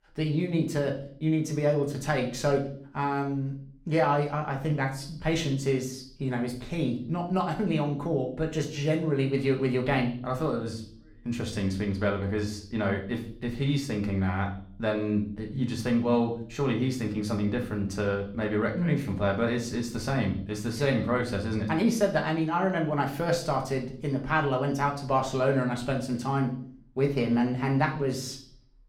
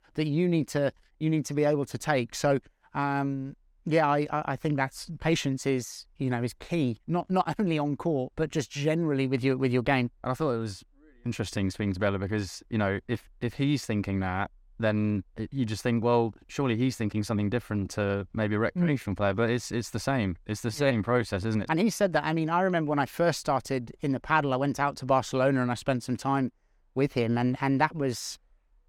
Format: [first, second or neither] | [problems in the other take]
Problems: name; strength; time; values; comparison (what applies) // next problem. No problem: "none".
second | room echo; slight; dies away in 0.5 s // off-mic speech; somewhat distant